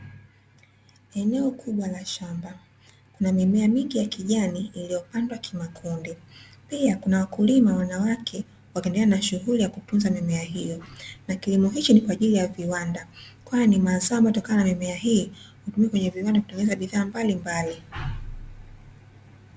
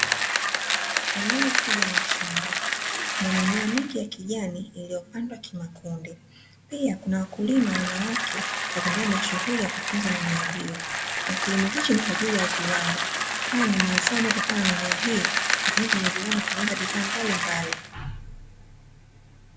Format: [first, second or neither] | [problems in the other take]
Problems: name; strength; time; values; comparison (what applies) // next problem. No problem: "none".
first | background sound (Bicycle); 1 dB above the speech // room echo; dies away in 1.5 s